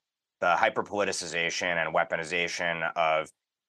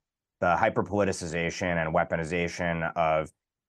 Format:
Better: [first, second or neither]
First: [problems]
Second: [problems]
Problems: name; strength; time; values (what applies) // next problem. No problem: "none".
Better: second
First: thin; somewhat; fading below 700 Hz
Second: none